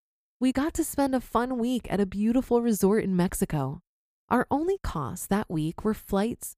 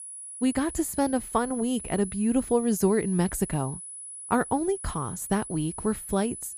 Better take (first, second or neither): first